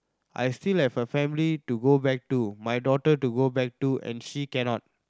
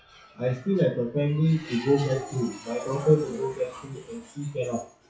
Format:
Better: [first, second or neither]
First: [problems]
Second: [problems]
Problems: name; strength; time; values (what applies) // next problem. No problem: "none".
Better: first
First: none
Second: noise reduction (classical method WPE with log-MMSE)